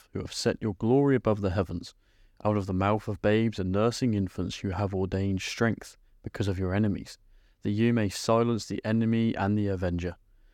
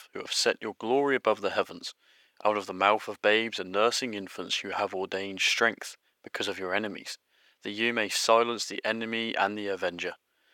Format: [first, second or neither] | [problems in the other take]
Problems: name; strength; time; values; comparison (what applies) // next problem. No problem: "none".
first | thin; very; fading below 550 Hz